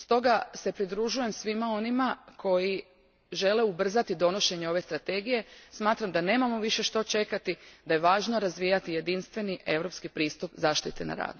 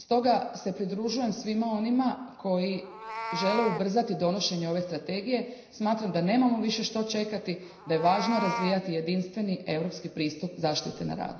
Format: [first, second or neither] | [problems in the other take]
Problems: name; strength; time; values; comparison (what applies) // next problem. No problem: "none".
first | background sound (Meow); 13 dB below the speech // room echo; dies away in 0.9 s